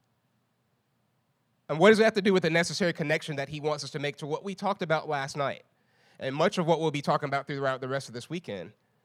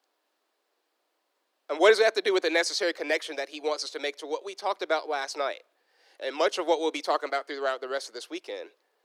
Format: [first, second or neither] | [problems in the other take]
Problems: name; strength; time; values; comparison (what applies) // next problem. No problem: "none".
first | thin; very; fading below 300 Hz